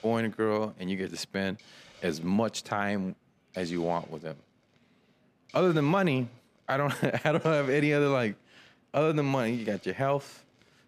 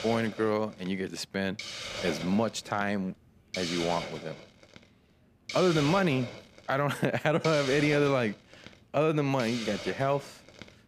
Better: first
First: hiss; faint; throughout; 25 dB below the speech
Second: hiss; loud; throughout; 9 dB below the speech

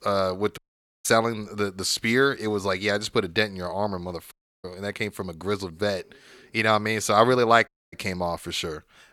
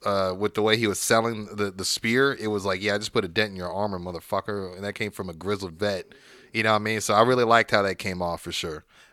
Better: second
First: audio cutting out; at 0.5 s, at 4.5 s and at 7.5 s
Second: none

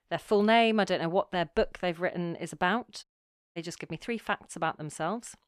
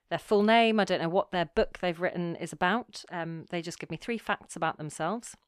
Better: second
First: audio cutting out; at 3 s for 0.5 s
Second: none

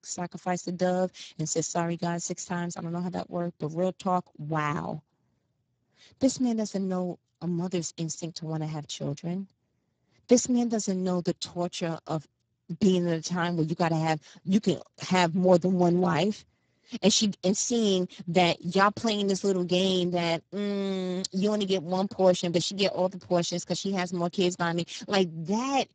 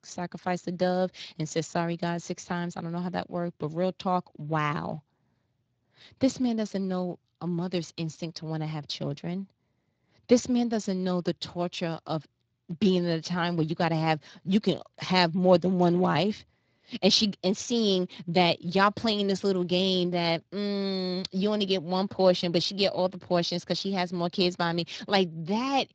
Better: second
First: garbled, watery; badly; nothing above 7.5 kHz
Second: garbled, watery; slightly

